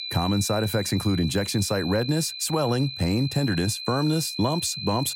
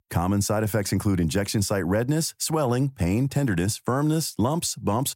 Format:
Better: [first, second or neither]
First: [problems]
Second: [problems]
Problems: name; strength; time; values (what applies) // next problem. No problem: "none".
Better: second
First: high-pitched whine; loud; throughout; 4 kHz, 8 dB below the speech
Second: none